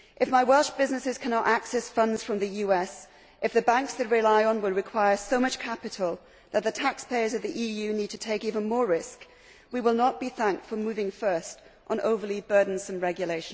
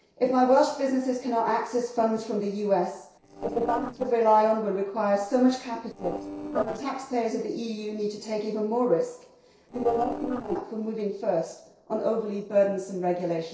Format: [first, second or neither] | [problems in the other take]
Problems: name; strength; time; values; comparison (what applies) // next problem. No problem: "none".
first | noise reduction (neural separator model SepFormer DNS4)